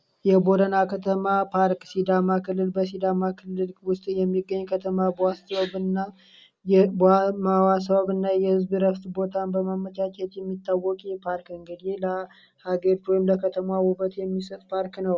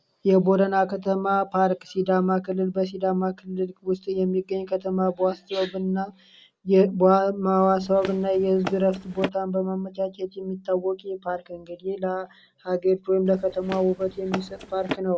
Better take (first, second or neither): first